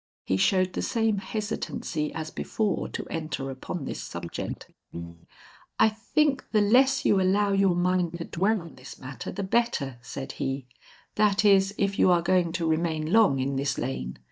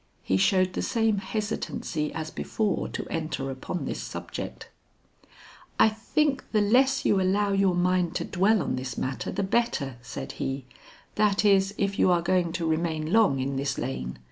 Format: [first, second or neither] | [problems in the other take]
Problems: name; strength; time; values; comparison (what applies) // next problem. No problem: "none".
second | noise reduction (neural mask model DeepFilterNet 3)